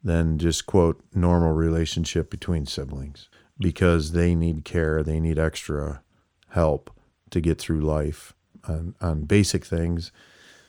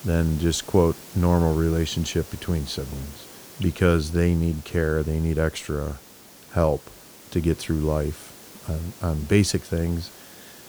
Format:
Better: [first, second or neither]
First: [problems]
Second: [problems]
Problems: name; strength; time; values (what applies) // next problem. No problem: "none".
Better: first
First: none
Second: hiss; noticeable; throughout; 20 dB below the speech